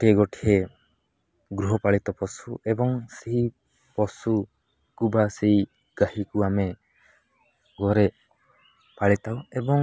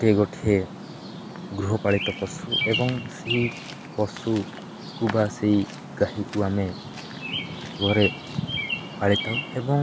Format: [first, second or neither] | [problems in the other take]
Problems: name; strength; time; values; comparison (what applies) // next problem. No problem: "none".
first | background sound (Bird vocalization, bird call, bird song); 7 dB below the speech